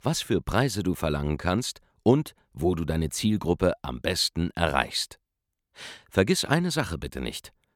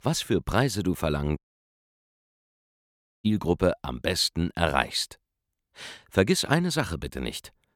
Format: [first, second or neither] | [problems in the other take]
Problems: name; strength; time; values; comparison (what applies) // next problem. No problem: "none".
first | audio cutting out; at 1.5 s for 2 s